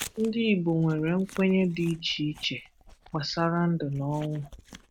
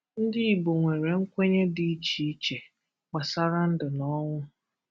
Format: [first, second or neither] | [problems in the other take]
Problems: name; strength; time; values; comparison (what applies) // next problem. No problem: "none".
second | background sound (Chewing, mastication); 20 dB below the speech